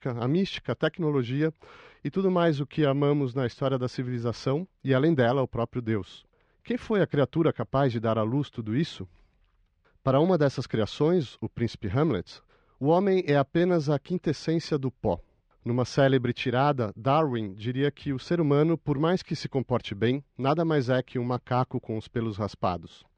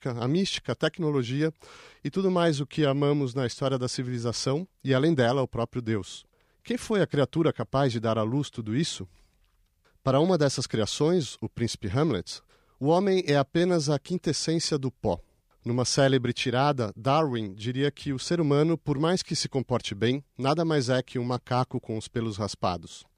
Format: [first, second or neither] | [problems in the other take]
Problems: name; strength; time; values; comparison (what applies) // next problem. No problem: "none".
second | muffled; slightly; fading above 3 kHz